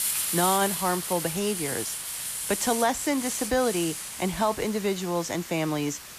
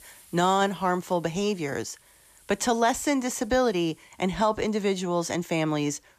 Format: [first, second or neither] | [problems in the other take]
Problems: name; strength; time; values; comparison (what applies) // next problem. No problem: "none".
second | hiss; loud; throughout; 3 dB below the speech; faint in the second